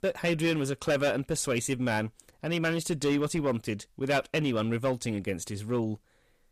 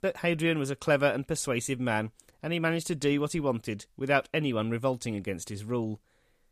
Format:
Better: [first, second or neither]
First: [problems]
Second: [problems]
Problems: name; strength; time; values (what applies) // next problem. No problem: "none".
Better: second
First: distortion; slight; 6% of the sound clipped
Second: none